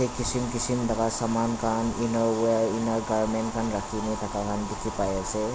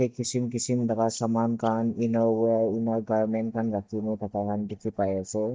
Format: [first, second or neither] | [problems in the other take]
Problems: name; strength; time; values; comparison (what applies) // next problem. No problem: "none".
first | noise reduction (neural mask model DeepFilterNet 3)